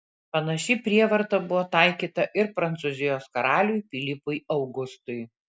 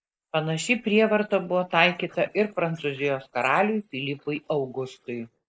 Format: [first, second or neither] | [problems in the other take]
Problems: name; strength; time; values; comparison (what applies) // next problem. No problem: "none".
first | noise reduction (neural mask model Resemble Enhance denoiser)